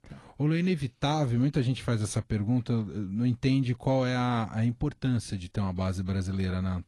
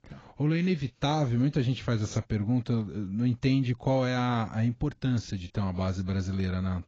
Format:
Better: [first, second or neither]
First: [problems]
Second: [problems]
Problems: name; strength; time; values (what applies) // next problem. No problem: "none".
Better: first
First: garbled, watery; slightly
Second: garbled, watery; badly